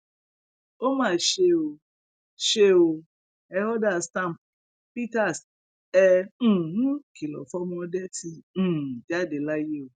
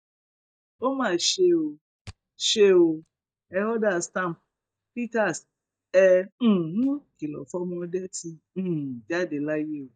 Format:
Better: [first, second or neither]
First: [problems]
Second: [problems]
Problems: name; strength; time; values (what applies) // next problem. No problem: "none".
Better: first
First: none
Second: noise reduction (neural mask model DeepFilterNet 3)